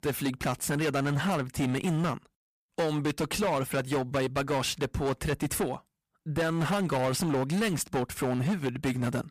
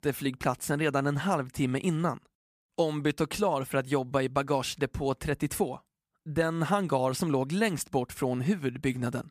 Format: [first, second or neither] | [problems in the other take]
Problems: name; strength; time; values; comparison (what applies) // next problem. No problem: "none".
second | distortion; heavy; 17% of the sound clipped